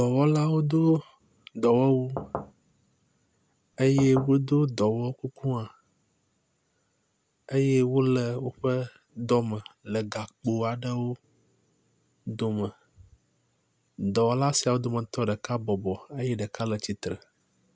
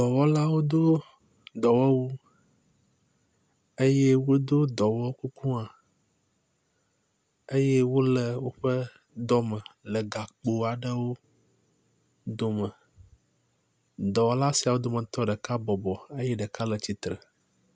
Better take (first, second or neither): second